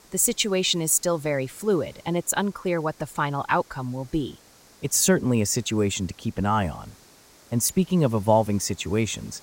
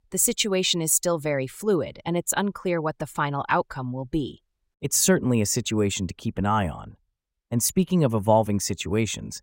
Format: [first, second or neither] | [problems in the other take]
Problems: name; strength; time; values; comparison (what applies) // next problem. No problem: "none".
second | hiss; faint; throughout; 25 dB below the speech